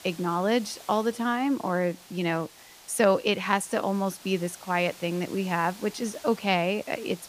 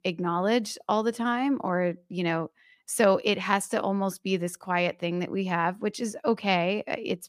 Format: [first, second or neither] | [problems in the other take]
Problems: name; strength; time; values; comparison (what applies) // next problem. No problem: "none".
second | hiss; noticeable; throughout; 20 dB below the speech